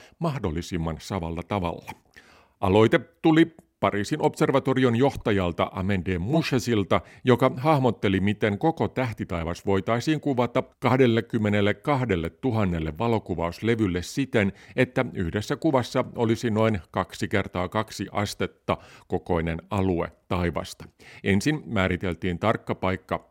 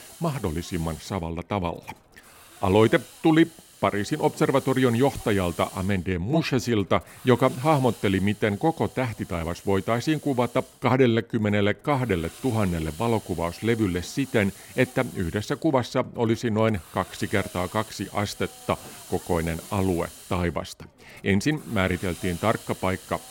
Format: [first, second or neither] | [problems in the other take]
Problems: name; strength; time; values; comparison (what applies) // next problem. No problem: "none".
first | hiss; noticeable; throughout; 20 dB below the speech